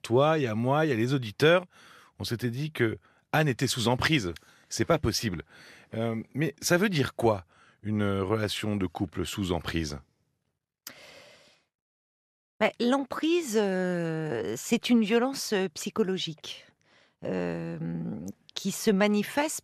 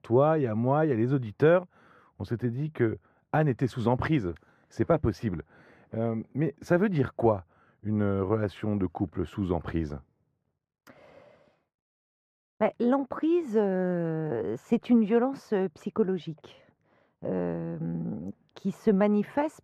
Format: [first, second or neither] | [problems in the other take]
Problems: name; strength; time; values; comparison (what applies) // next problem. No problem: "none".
first | muffled; very; fading above 2 kHz